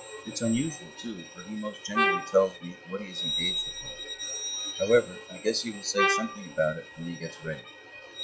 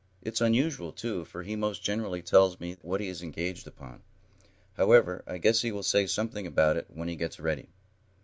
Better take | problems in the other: second | noise reduction (classical method log-MMSE)

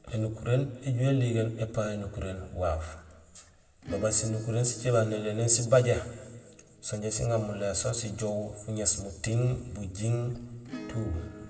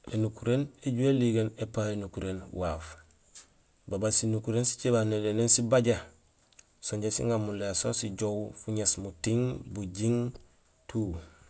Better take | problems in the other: second | background sound (Acoustic guitar / Strum); 20 dB below the speech // room echo; dies away in 1.4 s

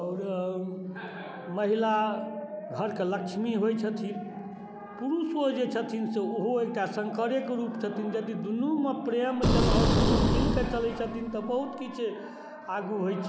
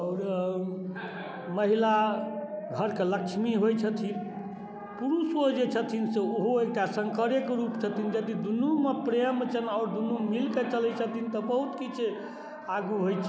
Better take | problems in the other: second | background sound (Boom); 4 dB above the speech

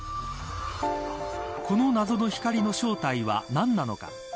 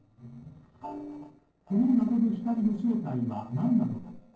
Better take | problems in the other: first | noise reduction (neural separator model SepFormer DNS4)

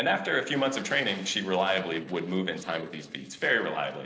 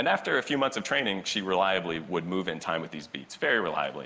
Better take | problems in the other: second | noise reduction (neural separator model SepFormer DNS4)

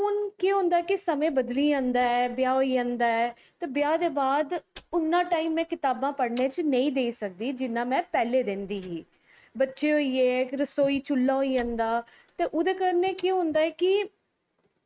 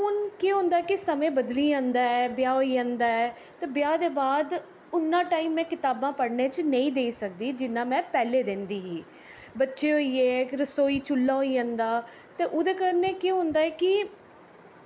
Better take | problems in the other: second | noise reduction (neural mask model RNNoise)

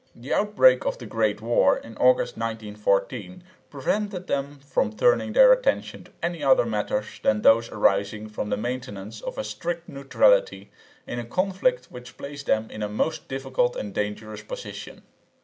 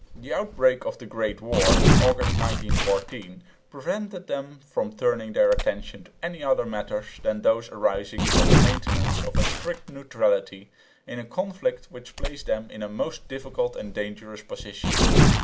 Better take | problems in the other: first | background sound (Tearing); 2 dB above the speech

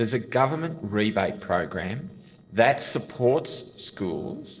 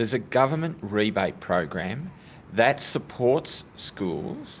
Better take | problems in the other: second | noise reduction (neural separator model SepFormer DNS4)

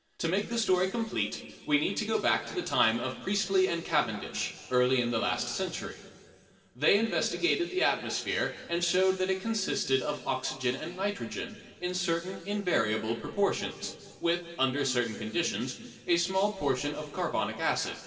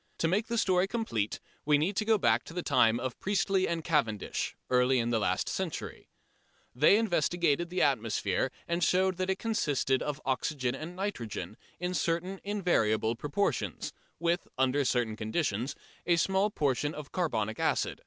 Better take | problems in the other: second | room echo; dies away in 2.2 s

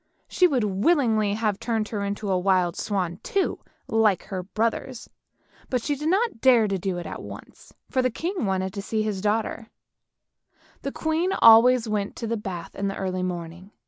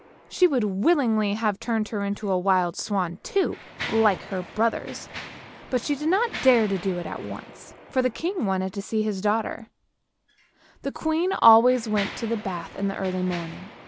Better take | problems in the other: first | background sound (Printer + Mechanisms); 17 dB below the speech

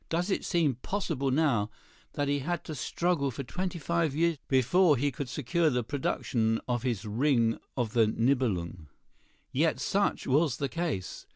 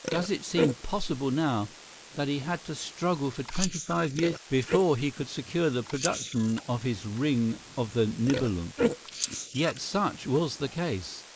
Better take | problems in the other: first | noise reduction (neural mask model Resemble Enhance denoiser)

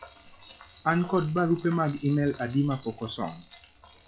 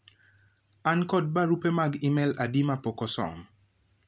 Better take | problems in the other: second | noise reduction (classical method log-MMSE)

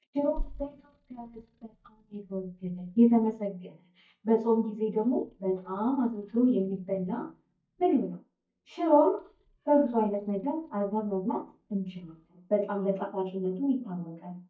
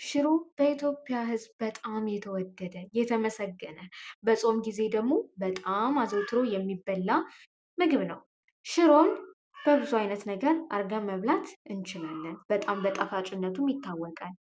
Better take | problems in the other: second | noise reduction (neural mask model DeepFilterNet 3)

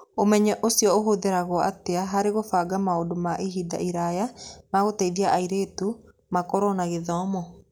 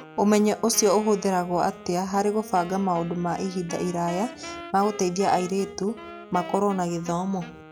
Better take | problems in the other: first | background sound (Wind instrument, woodwind instrument + Wind instrument, woodwind instrument); 16 dB below the speech

